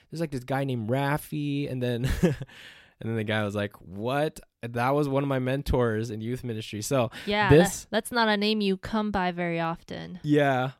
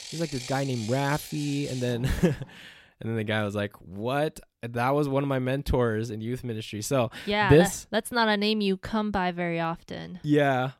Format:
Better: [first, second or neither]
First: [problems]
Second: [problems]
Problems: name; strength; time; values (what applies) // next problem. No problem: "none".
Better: first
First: none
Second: machinery noise; noticeable; until 2.5 s; 15 dB below the speech